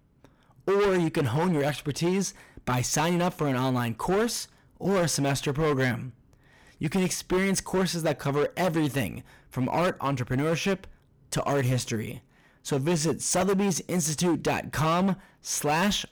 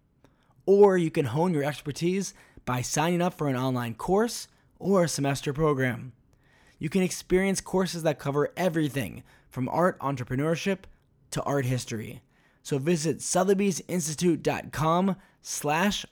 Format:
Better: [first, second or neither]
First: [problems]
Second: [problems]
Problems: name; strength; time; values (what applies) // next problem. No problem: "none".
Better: second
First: distortion; heavy; 14% of the sound clipped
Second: none